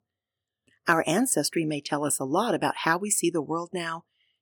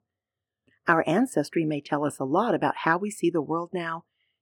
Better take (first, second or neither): first